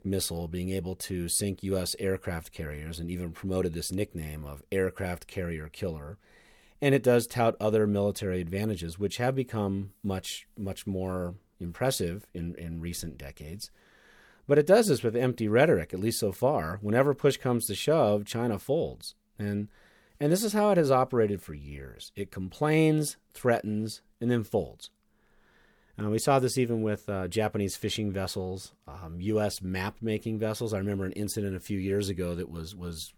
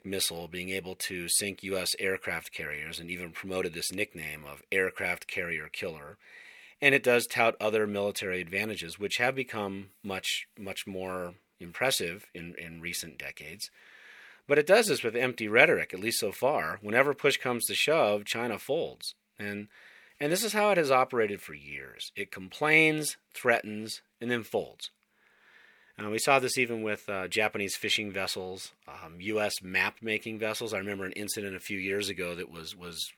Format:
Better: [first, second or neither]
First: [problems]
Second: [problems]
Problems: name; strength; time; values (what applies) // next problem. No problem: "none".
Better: first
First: none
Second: thin; somewhat; fading below 1 kHz